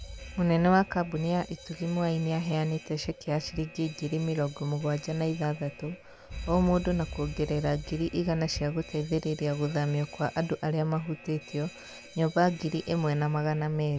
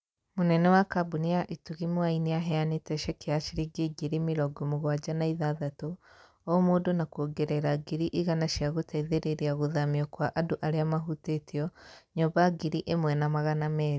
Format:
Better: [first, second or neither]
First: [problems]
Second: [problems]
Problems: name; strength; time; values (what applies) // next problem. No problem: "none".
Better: second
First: background sound (Alarm); 15 dB below the speech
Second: none